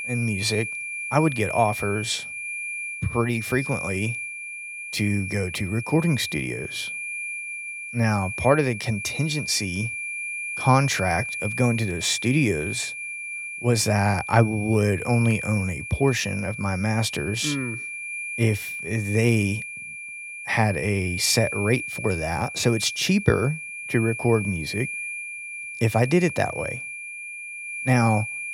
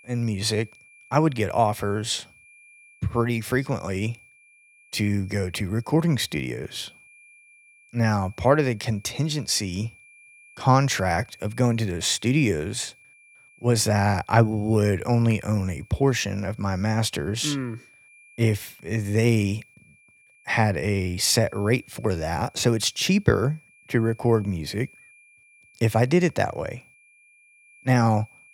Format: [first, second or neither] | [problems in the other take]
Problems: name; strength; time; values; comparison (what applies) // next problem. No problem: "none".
second | high-pitched whine; loud; throughout; 2.5 kHz, 6 dB below the speech; faint in the second